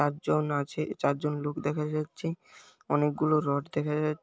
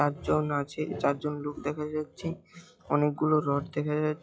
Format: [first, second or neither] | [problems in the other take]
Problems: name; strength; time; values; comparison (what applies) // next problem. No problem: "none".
first | noise reduction (classical method log-MMSE)